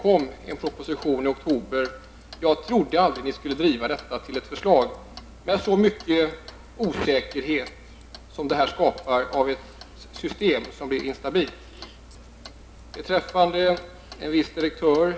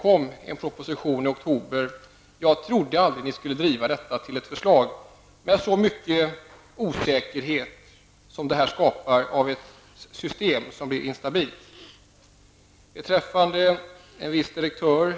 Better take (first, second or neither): second